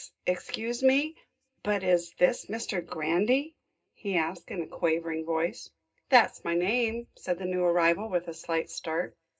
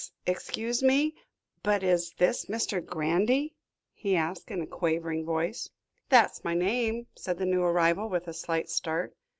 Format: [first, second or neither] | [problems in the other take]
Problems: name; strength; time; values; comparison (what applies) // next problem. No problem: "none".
second | room echo; dies away in 0.2 s